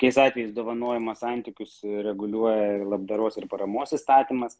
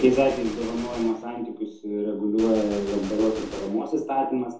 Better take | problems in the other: first | background sound (Gunshot, gunfire); 17 dB below the speech // room echo; dies away in 0.5 s

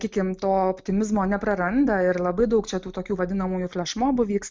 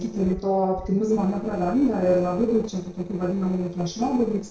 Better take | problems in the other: first | noise reduction (neural separator model SepFormer DNS4)

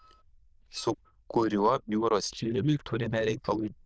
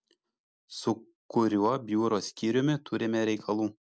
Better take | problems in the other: second | noise reduction (neural diffusion model UNIVERSE++)

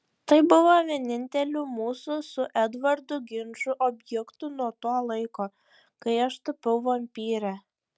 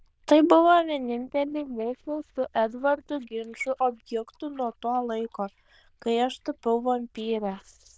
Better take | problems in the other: first | noise reduction (neural diffusion model UNIVERSE++)

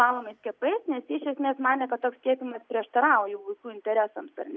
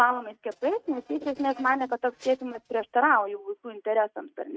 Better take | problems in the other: first | noise reduction (neural mask model RNNoise)

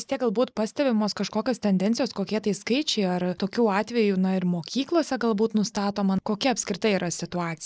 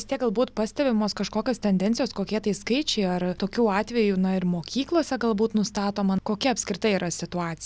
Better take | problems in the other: second | noise reduction (neural mask model Resemble Enhance denoiser)

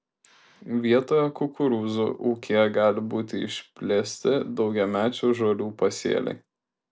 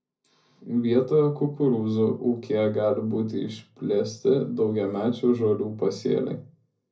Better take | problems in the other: first | room echo; dies away in 0.4 s

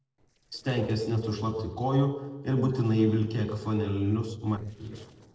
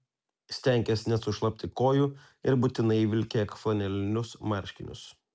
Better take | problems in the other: second | noise reduction (neural separator model SepFormer DNS4)

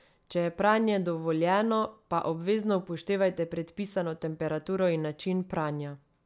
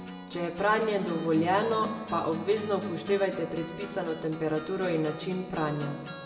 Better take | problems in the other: first | background sound (Acoustic guitar); 11 dB below the speech // room echo; dies away in 1.7 s

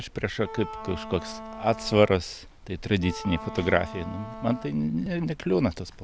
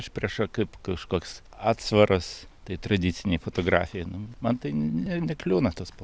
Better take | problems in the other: second | background sound (Wind instrument, woodwind instrument); 13 dB below the speech

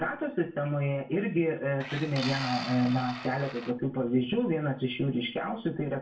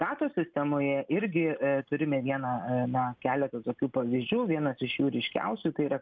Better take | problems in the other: second | background sound (Tools); 11 dB below the speech // room echo; dies away in 0.3 s

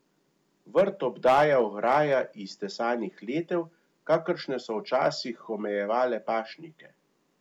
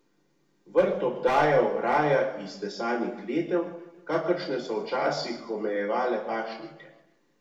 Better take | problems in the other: first | room echo; dies away in 0.8 s

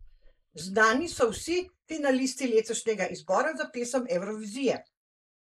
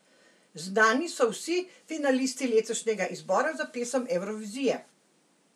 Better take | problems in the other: second | noise reduction (neural mask model Resemble Enhance denoiser)

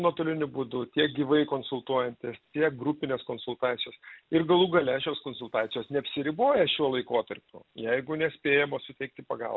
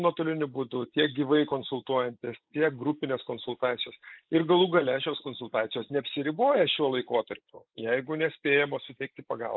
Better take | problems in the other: first | noise reduction (neural mask model Resemble Enhance denoiser)

